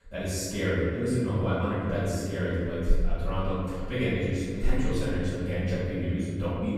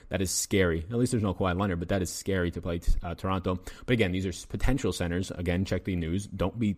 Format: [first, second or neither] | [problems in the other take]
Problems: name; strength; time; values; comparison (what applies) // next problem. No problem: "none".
second | room echo; strong; dies away in 2.2 s // off-mic speech; far